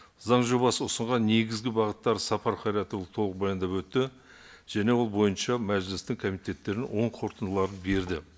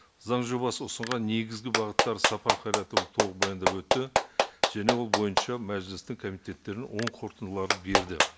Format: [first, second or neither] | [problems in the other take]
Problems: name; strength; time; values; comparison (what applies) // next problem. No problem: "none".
first | background sound (Clapping); 2 dB above the speech